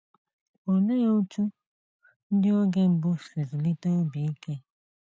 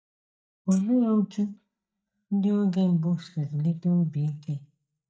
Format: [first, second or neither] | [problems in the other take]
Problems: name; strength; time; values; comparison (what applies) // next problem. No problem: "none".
first | noise reduction (neural mask model DeepFilterNet 3)